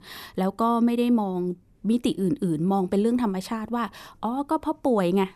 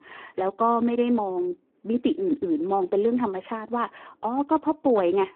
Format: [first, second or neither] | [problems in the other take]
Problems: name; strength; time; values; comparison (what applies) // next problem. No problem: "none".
first | phone-call audio; poor line